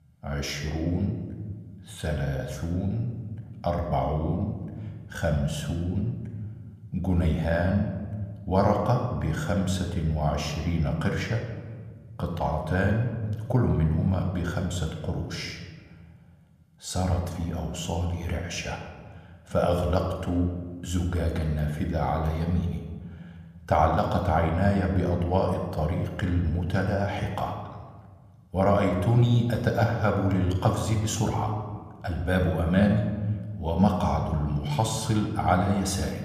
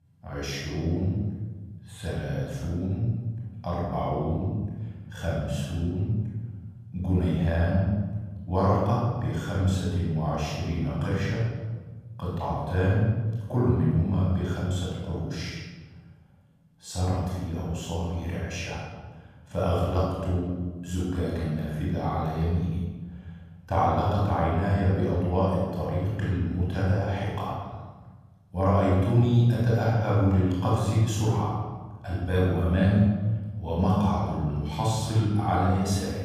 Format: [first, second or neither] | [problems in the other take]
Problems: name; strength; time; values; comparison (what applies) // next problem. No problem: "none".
first | room echo; strong; dies away in 1.4 s; slight in the first // off-mic speech; far